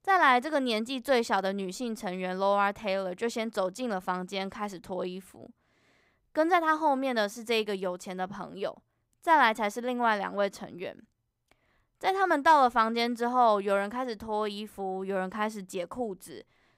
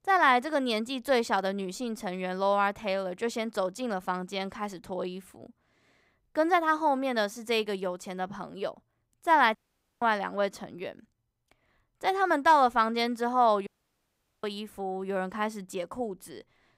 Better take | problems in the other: first | audio cutting out; at 9.5 s and at 14 s for 1 s

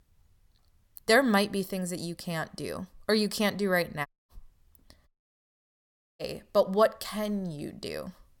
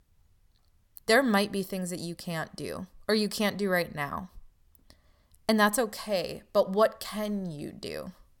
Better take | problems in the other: second | audio cutting out; at 4 s and at 5 s for 1 s

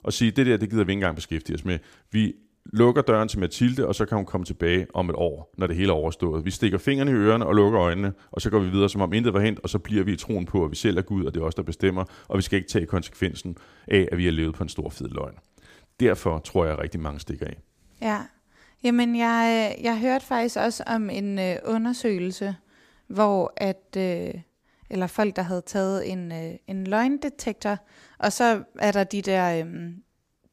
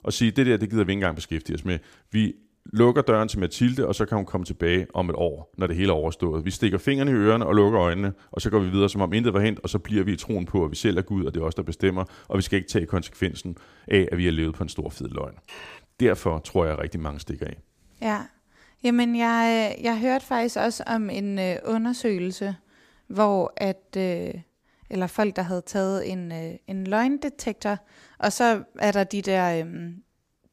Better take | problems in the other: first | clattering dishes; faint; at 15 s; peak 15 dB below the speech

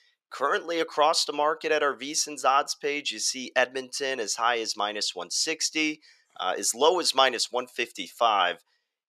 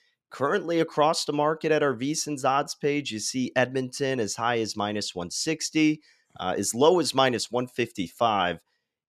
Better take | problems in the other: second | thin; somewhat; fading below 500 Hz

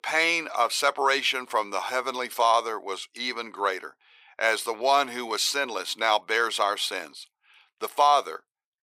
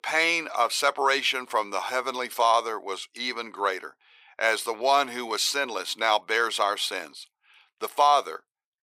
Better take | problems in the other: neither | thin; very; fading below 550 Hz; the same in both

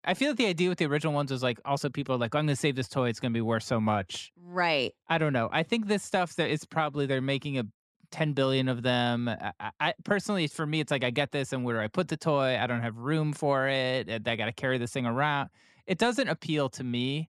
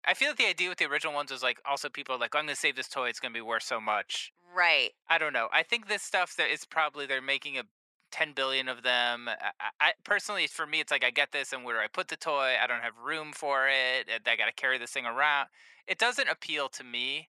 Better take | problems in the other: first | thin; very; fading below 750 Hz

